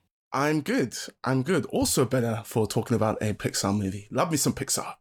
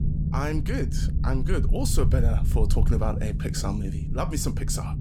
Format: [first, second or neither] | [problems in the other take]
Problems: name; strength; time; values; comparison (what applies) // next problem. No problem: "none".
first | low rumble; loud; throughout; 8 dB below the speech